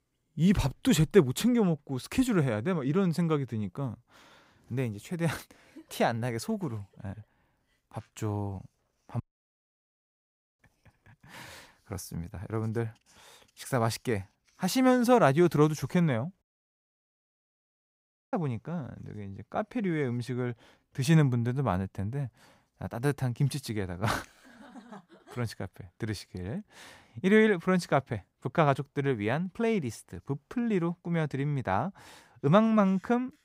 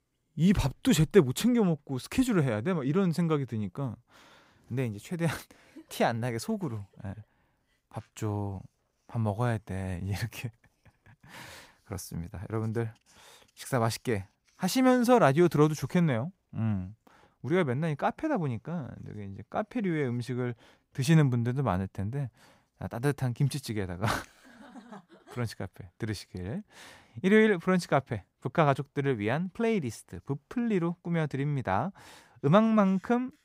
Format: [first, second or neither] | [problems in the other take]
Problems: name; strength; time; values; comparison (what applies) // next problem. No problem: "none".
second | audio cutting out; at 9 s for 1.5 s and at 16 s for 2 s